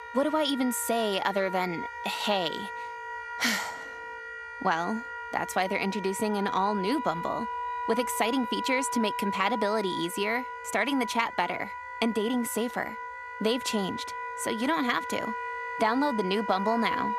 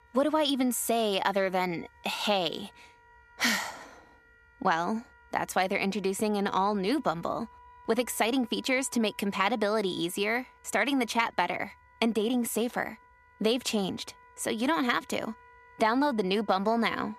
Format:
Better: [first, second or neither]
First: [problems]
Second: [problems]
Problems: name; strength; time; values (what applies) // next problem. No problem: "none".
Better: second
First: background music; loud; throughout; 7 dB below the speech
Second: background music; faint; throughout; 25 dB below the speech